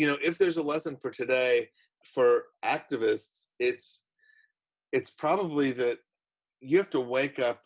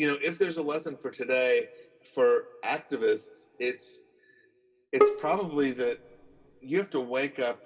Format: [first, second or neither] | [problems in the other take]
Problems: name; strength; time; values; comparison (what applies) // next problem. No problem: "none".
first | background sound (Bowed string instrument); as loud as the speech // room echo; dies away in 1.9 s